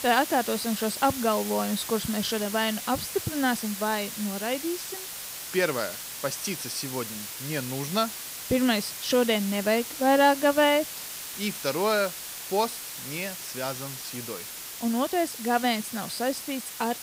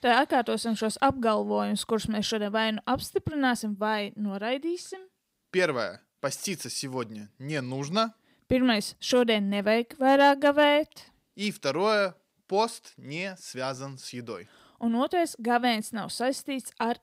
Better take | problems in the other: second | hiss; loud; throughout; 7 dB below the speech

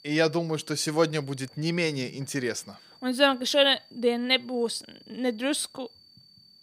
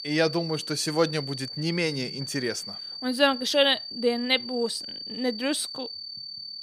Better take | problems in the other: first | high-pitched whine; loud; throughout; 4.5 kHz, 8 dB below the speech; faint in the first

